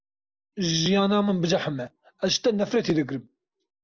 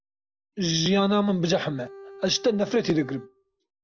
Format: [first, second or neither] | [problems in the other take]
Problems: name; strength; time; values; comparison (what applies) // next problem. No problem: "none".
first | background sound (Bowed string instrument); 18 dB below the speech